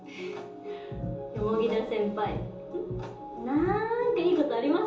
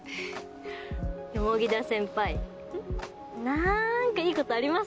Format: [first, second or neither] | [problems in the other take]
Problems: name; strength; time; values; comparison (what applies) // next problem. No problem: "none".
second | room echo; dies away in 1.2 s